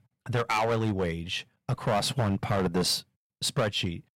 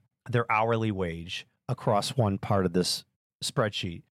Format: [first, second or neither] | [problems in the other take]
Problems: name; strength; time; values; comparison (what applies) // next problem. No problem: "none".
second | distortion; heavy; 9% of the sound clipped